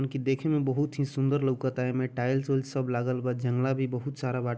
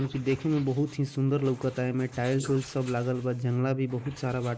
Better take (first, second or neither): first